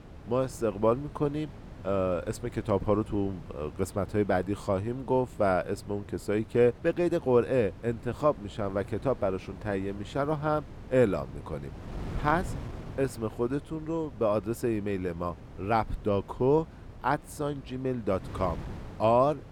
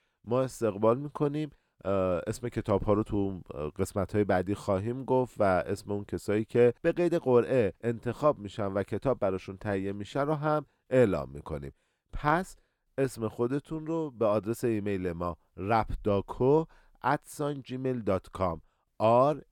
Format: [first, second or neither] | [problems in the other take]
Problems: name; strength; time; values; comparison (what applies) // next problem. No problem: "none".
second | wind noise on the microphone; occasional gusts; 20 dB below the speech